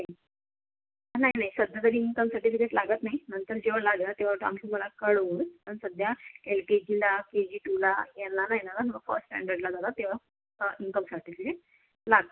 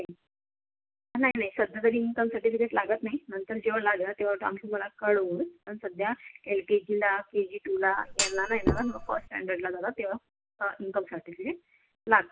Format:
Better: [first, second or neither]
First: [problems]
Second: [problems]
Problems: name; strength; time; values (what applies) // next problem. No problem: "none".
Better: first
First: none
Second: background sound (Thump, thud); 1 dB below the speech